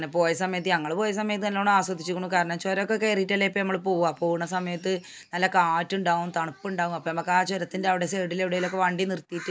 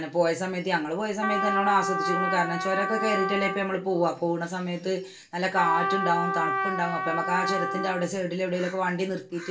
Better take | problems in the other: first | background sound (Trumpet); 3 dB below the speech // room echo; dies away in 0.3 s

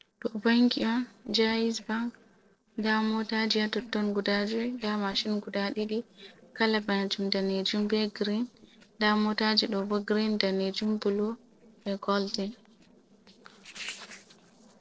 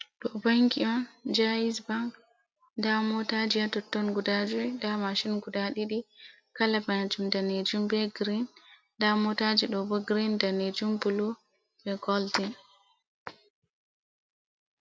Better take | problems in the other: second | noise reduction (neural separator model SepFormer DNS4)

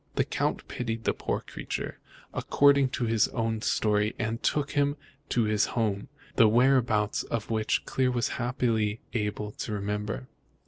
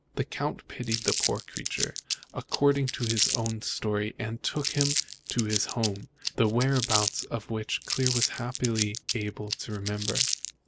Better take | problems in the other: first | background sound (Crumpling, crinkling); 2 dB below the speech

